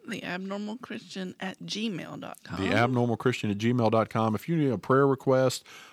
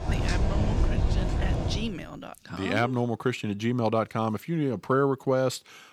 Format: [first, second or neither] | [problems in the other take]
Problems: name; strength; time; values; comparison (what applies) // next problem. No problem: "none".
first | rain or running water; very loud; until 2 s; as loud as the speech